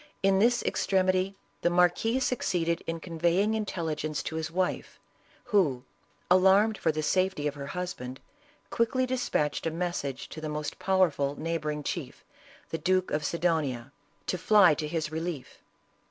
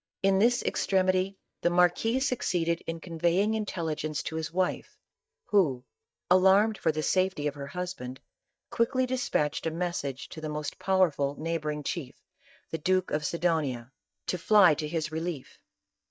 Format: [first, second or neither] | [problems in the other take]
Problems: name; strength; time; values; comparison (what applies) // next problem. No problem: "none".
first | noise reduction (neural mask model DeepFilterNet 3)